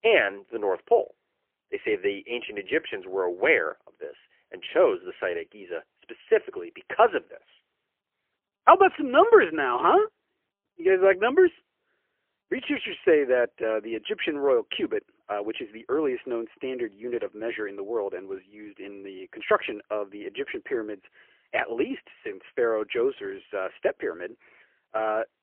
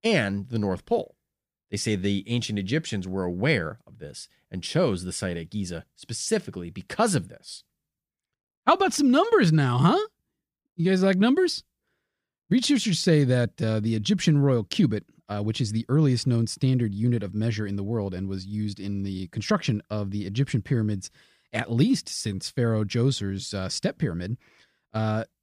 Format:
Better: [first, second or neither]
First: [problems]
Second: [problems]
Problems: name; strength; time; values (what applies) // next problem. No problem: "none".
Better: second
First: phone-call audio; poor line; nothing above 3 kHz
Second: none